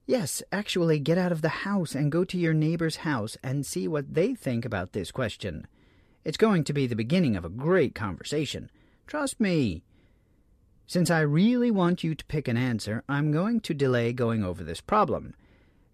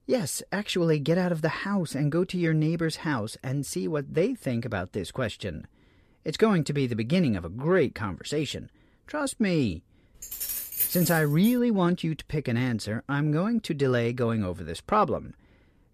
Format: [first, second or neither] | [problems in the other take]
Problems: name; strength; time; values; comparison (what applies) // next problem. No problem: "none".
first | jangling keys; loud; from 10 to 12 s; peak 1 dB above the speech